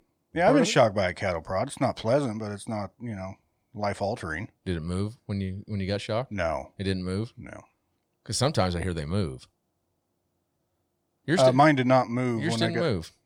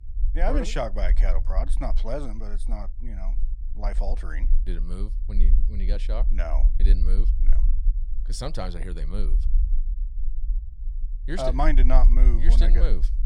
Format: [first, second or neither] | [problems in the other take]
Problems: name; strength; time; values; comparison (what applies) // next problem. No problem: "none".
first | low rumble; noticeable; throughout; 15 dB below the speech